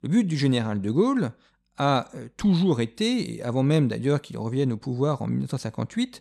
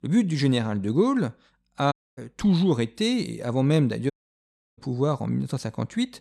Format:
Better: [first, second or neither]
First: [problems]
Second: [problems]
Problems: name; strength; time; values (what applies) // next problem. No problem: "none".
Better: first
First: none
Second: audio cutting out; at 2 s and at 4 s for 0.5 s